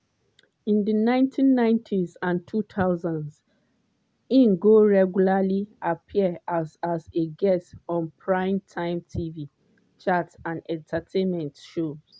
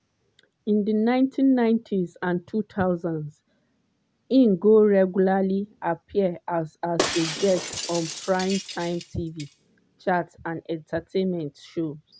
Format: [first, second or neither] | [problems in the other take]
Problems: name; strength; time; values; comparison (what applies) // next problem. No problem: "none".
first | background sound (Shatter); 9 dB below the speech